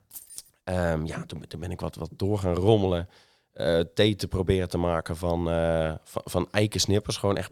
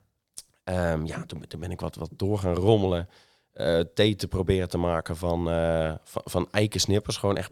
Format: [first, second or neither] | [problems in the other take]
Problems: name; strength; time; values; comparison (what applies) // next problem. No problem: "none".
second | jangling keys; faint; at the start; peak 15 dB below the speech